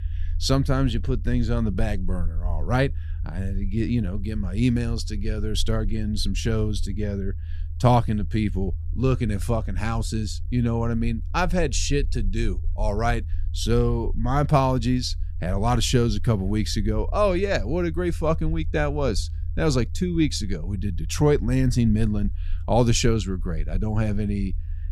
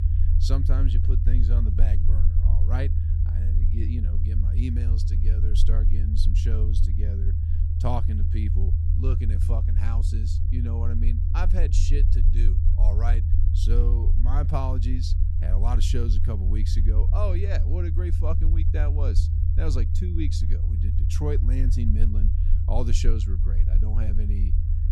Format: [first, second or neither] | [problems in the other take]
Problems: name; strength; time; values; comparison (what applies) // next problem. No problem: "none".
first | low rumble; loud; throughout; 4 dB below the speech; faint in the first